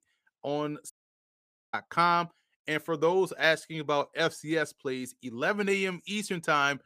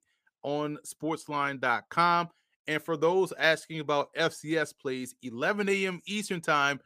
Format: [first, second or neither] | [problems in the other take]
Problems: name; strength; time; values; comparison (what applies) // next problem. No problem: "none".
second | audio cutting out; at 1 s for 1 s